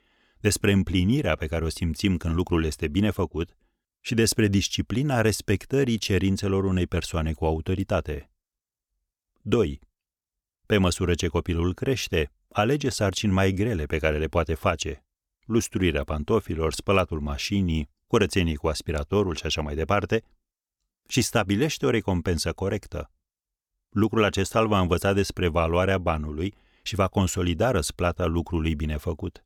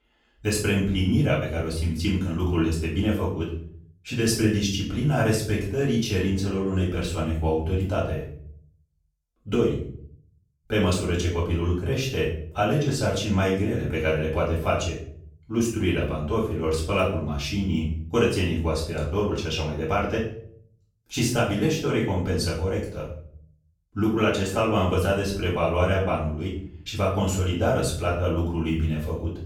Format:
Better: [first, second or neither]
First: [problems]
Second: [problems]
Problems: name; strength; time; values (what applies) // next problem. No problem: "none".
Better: first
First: none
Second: off-mic speech; far // room echo; noticeable; dies away in 0.5 s